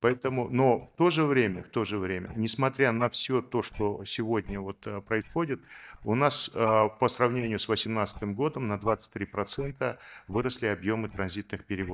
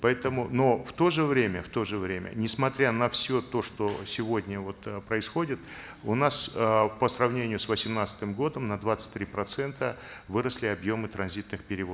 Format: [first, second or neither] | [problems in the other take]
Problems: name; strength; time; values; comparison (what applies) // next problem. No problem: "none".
second | noise reduction (neural mask model DeepFilterNet 3)